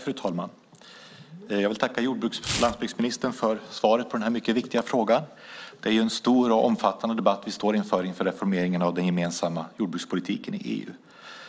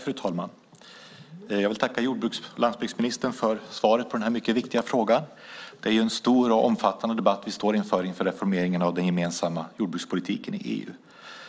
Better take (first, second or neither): second